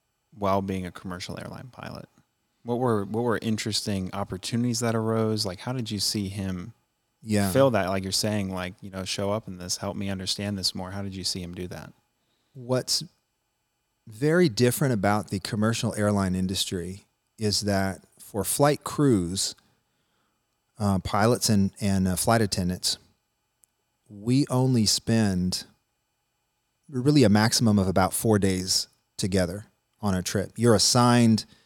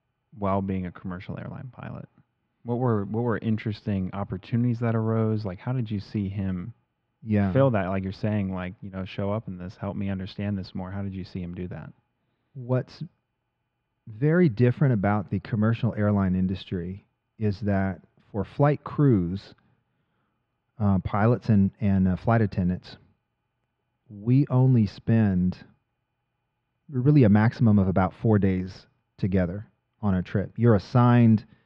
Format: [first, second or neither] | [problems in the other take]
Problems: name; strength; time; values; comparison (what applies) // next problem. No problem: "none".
first | muffled; very; fading above 2.5 kHz